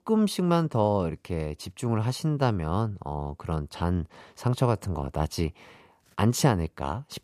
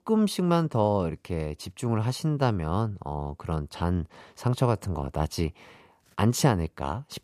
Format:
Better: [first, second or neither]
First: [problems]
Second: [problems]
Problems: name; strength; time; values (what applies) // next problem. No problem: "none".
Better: neither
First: none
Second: none